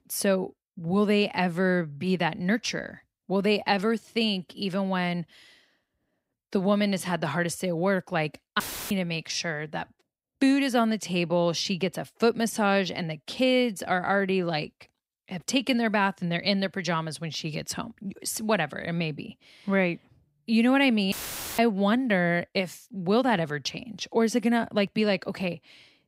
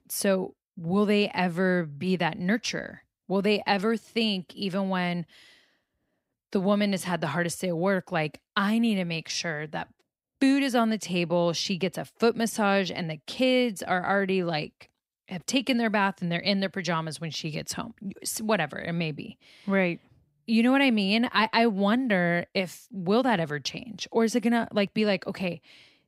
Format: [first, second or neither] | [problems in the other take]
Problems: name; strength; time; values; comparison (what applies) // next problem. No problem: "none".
second | audio cutting out; filled with static; at 8.5 s and at 21 s